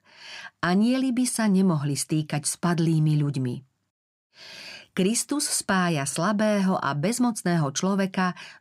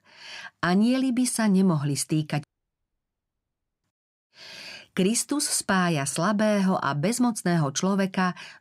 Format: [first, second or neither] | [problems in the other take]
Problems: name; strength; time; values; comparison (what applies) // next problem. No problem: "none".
first | audio cutting out; at 2.5 s for 1.5 s